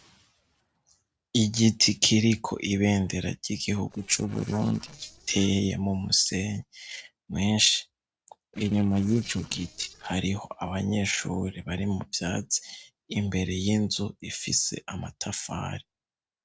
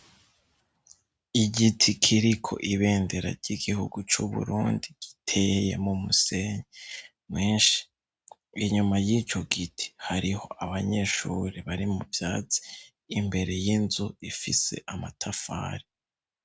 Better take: second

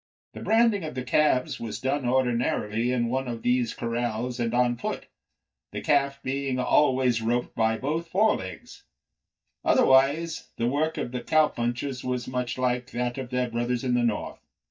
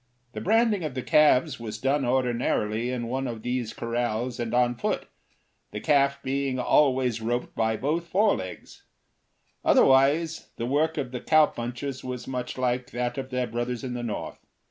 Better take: second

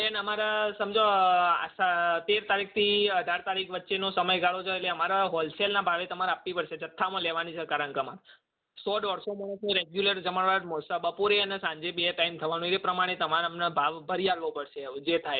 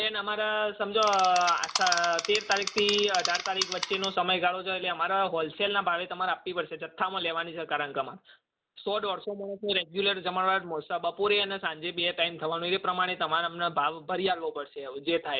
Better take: first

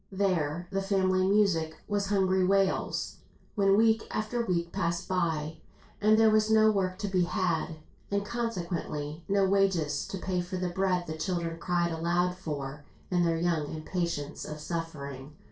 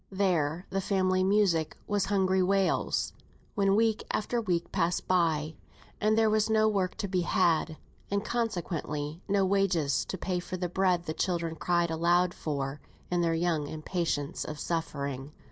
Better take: second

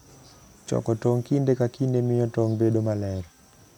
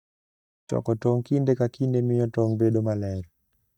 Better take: first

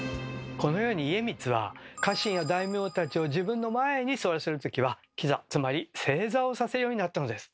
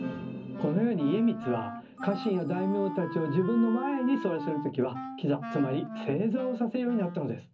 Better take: first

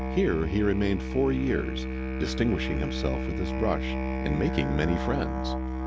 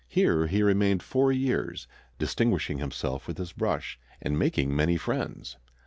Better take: second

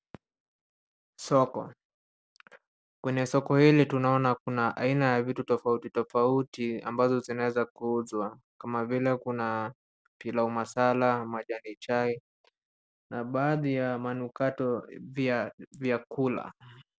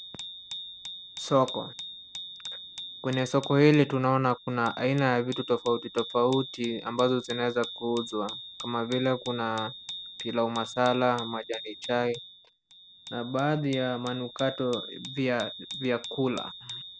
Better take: first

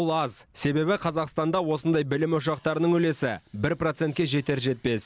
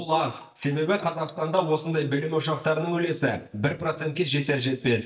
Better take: first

